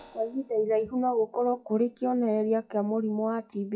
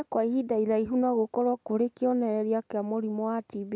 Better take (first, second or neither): second